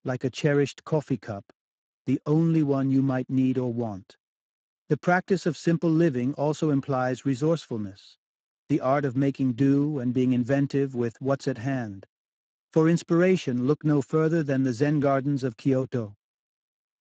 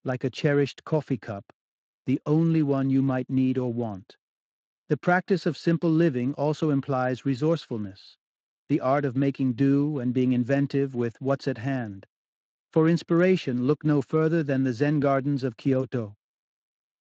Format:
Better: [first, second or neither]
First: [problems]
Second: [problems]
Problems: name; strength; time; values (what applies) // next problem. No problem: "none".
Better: second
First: garbled, watery; badly; nothing above 7.5 kHz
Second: garbled, watery; slightly; nothing above 7.5 kHz